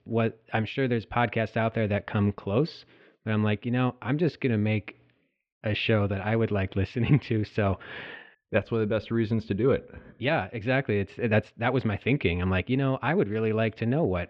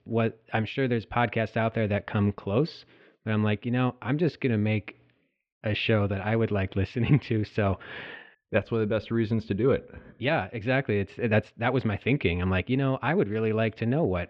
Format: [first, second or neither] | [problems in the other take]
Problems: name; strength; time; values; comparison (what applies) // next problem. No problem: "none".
neither | muffled; very; fading above 3 kHz; the same in both